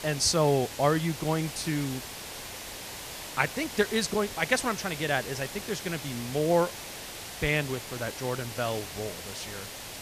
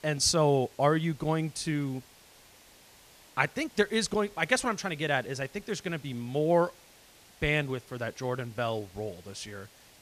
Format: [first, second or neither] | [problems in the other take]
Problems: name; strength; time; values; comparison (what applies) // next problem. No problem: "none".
second | hiss; loud; throughout; 9 dB below the speech; faint in the second